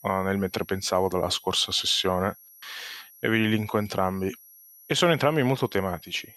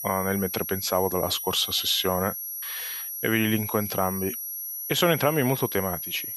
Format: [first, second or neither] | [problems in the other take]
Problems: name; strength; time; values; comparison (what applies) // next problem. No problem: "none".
first | high-pitched whine; loud; throughout; 11.5 kHz, 5 dB below the speech; faint in the first